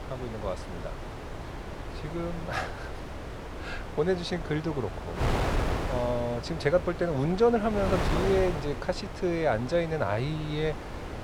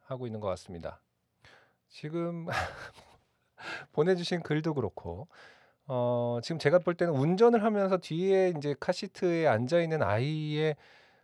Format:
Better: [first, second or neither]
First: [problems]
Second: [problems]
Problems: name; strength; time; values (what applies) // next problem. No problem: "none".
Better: second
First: wind noise on the microphone; heavy; 7 dB below the speech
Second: none